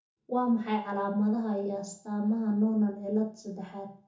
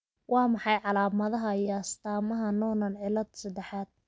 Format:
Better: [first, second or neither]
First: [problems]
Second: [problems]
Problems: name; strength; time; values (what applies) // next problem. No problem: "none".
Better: second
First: room echo; dies away in 0.6 s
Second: none